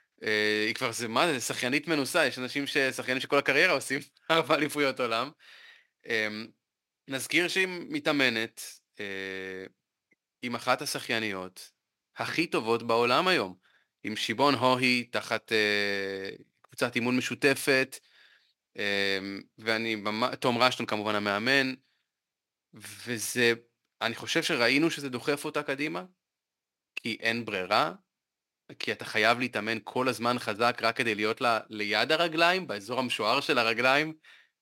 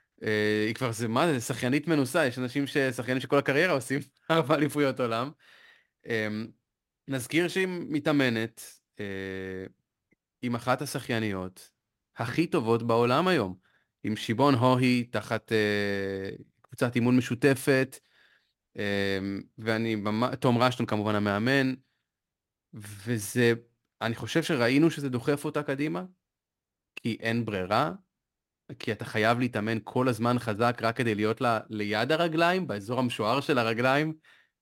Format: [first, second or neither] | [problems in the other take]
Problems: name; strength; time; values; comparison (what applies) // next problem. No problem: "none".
second | thin; very slightly; fading below 450 Hz